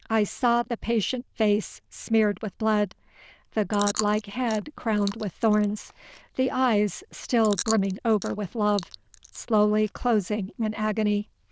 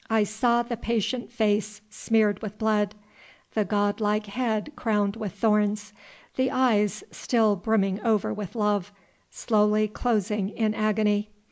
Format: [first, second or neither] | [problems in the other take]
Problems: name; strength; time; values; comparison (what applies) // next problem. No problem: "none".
second | noise reduction (neural diffusion model UNIVERSE++)